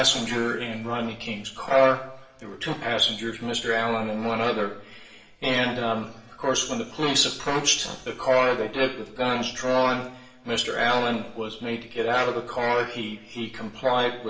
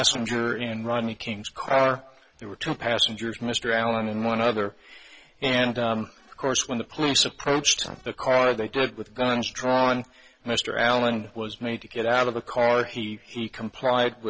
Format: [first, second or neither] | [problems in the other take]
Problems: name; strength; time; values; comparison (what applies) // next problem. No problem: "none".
second | room echo; dies away in 1 s